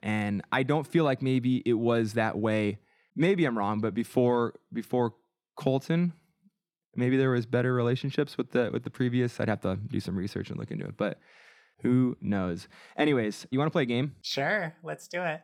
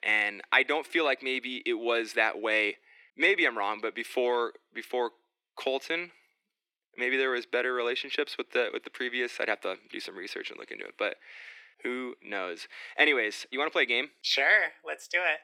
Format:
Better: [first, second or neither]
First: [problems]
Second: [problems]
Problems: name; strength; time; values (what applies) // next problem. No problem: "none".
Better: first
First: none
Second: thin; very; fading below 350 Hz